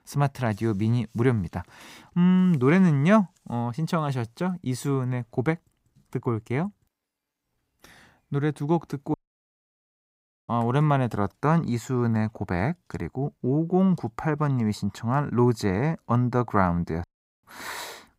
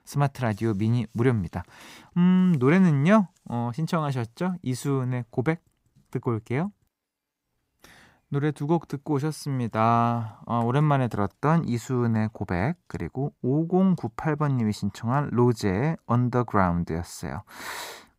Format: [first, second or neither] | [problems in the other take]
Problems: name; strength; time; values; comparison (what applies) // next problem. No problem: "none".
second | audio cutting out; at 9 s for 1.5 s and at 17 s